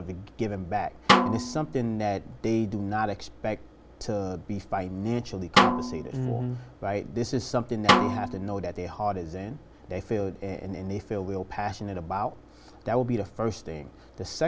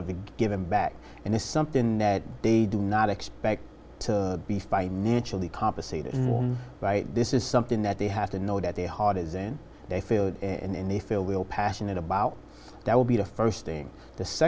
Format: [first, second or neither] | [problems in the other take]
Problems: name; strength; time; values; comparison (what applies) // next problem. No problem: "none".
second | background sound (Snare drum); 4 dB above the speech